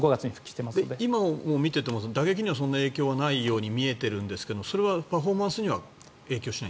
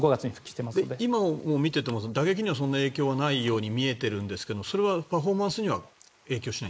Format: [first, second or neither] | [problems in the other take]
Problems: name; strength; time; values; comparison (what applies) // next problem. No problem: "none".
first | noise reduction (neural mask model Resemble Enhance denoiser)